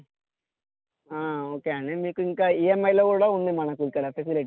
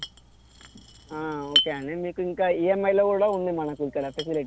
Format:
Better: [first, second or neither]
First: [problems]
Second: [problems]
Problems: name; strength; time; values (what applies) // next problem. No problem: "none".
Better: first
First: none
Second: background sound (Chink, clink); 7 dB below the speech